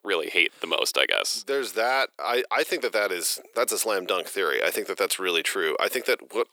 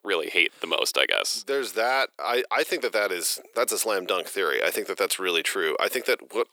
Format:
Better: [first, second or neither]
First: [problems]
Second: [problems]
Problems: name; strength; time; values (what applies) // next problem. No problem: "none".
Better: neither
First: thin; very; fading below 400 Hz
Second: thin; very; fading below 400 Hz